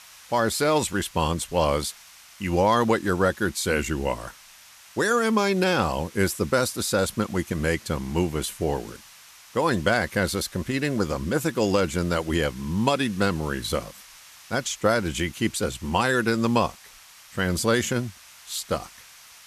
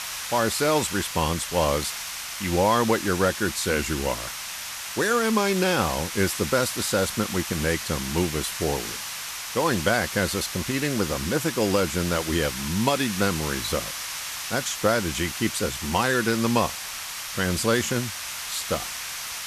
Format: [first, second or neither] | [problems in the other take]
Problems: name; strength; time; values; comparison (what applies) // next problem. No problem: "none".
first | hiss; loud; throughout; 6 dB below the speech; faint in the first